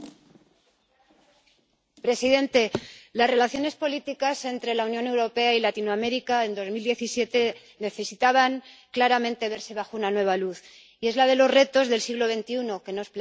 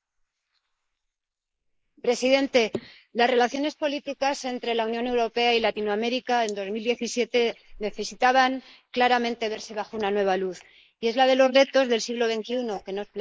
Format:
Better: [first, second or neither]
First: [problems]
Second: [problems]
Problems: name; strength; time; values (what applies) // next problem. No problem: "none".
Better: first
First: none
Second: noise reduction (neural mask model Resemble Enhance denoiser)